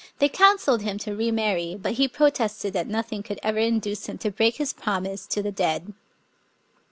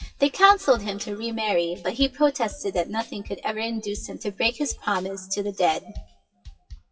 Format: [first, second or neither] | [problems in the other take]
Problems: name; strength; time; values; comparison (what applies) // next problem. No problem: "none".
first | noise reduction (classical method WPE with log-MMSE)